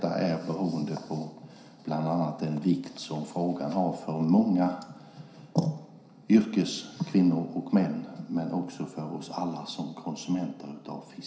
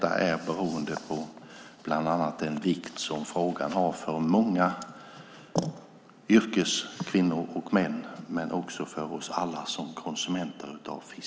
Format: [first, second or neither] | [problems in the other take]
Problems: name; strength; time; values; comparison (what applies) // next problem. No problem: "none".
second | room echo; dies away in 0.5 s